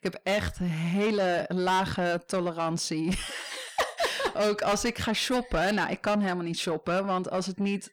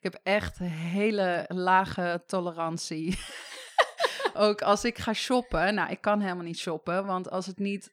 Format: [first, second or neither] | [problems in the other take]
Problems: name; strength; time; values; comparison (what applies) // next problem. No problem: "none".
second | distortion; heavy; 7 dB below the speech